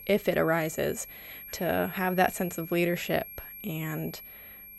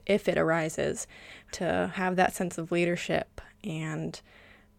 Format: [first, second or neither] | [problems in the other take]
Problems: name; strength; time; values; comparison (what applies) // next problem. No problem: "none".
second | high-pitched whine; noticeable; throughout; 11.5 kHz, 15 dB below the speech